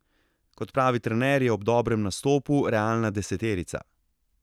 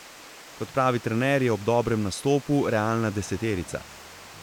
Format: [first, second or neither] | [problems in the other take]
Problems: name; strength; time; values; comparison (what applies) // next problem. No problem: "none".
first | background sound (Water); 19 dB below the speech